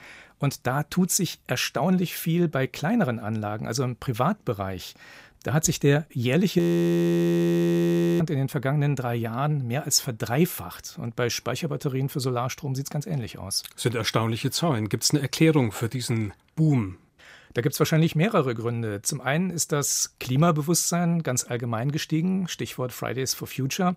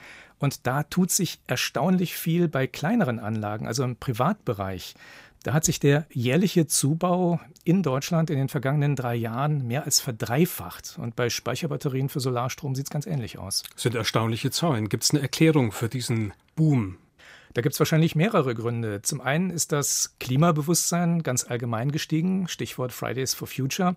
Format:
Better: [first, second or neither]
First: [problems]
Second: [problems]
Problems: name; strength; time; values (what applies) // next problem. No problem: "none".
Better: second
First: audio freezing; at 6.5 s for 1.5 s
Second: none